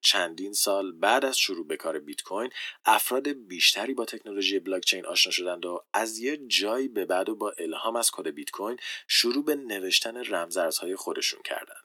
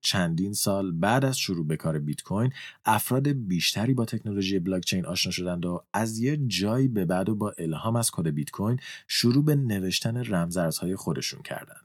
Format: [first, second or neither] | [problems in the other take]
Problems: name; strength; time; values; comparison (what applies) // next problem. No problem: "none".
second | thin; somewhat; fading below 300 Hz